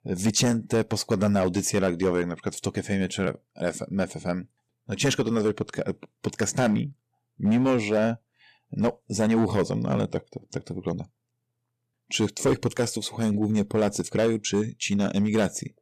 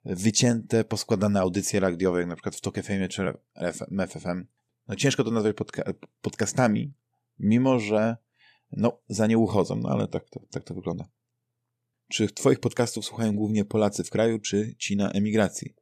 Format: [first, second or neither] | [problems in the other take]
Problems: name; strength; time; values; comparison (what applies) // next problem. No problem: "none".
second | distortion; slight; 5% of the sound clipped